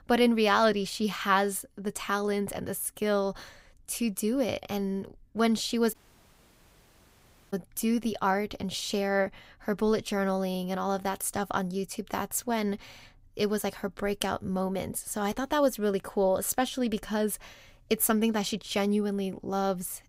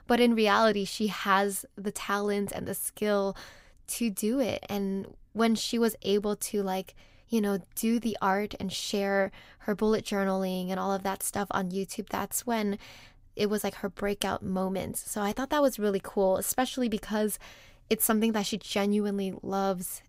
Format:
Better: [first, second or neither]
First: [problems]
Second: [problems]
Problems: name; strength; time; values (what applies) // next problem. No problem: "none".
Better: second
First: audio cutting out; at 6 s for 1.5 s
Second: none